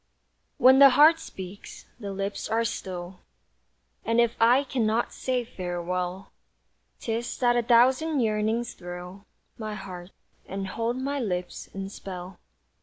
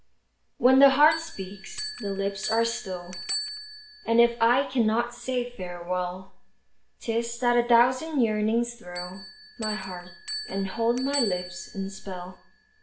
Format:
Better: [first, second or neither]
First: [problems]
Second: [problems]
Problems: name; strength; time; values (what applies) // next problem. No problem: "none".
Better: first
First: none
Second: background sound (Bell); 14 dB below the speech // room echo; dies away in 0.4 s